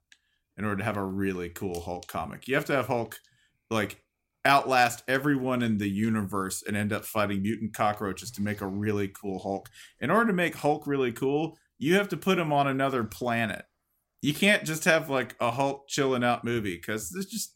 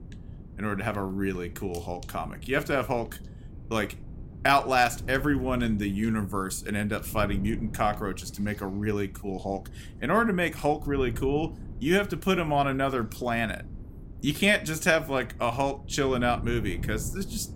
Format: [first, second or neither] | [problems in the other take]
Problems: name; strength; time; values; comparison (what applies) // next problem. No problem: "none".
first | wind noise on the microphone; occasional gusts; 25 dB below the speech